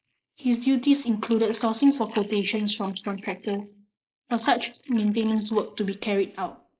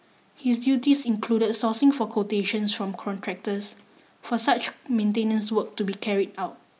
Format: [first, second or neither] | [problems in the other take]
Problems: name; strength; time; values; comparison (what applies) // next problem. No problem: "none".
second | noise reduction (neural mask model Resemble Enhance denoiser)